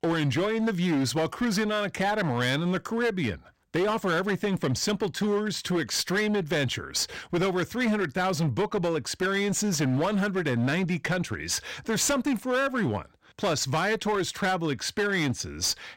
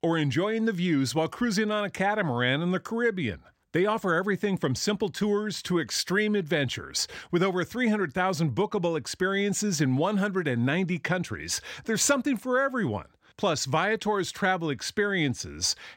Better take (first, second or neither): second